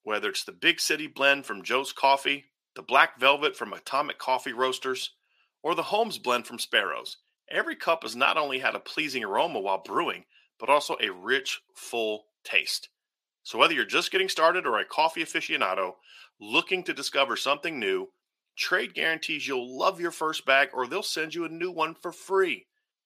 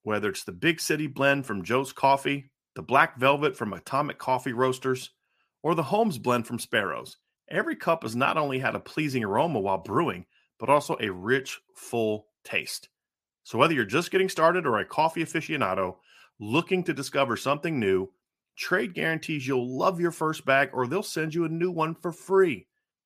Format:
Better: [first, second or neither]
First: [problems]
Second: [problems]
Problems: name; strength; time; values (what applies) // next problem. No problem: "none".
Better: second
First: thin; somewhat; fading below 400 Hz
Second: none